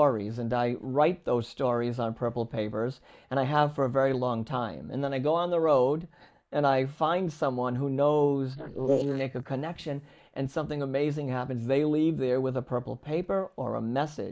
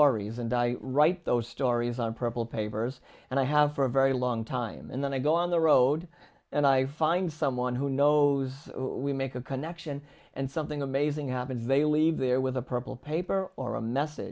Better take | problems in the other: second | noise reduction (neural mask model Resemble Enhance denoiser)

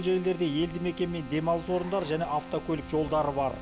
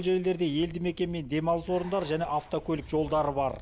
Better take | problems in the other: second | background sound (Keyboard (musical)); 15 dB below the speech

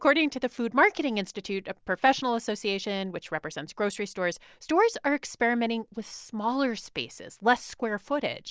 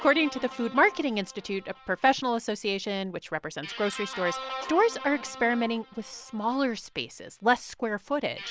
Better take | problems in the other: first | background sound (Guitar); 15 dB below the speech

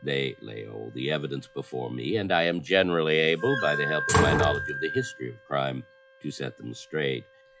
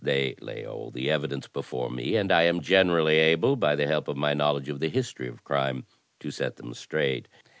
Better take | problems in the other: second | noise reduction (classical method log-MMSE)

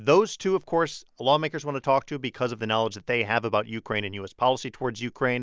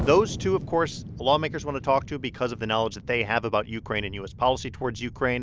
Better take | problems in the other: first | background sound (Explosion); 11 dB below the speech

